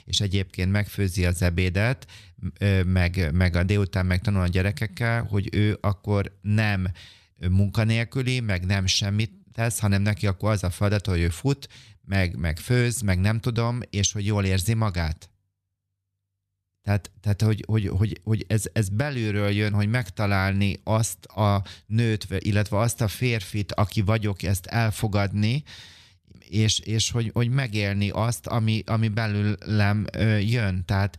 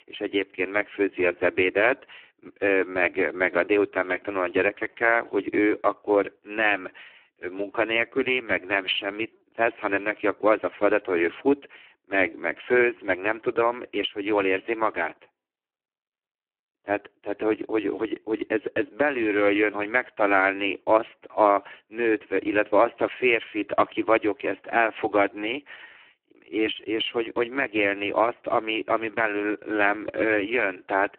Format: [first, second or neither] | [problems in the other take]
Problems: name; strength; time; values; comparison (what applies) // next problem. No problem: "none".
first | phone-call audio; poor line